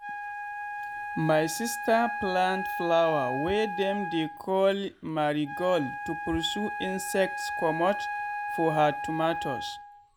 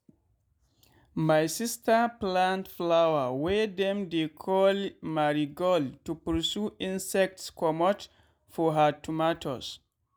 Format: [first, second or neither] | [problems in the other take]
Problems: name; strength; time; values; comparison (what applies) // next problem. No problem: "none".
second | background sound (Wind instrument, woodwind instrument); 6 dB below the speech